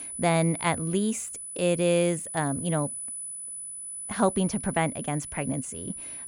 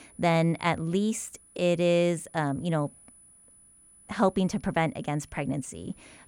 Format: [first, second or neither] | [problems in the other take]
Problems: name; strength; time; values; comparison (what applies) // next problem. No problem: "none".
second | high-pitched whine; loud; throughout; 10 kHz, 7 dB below the speech; faint in the second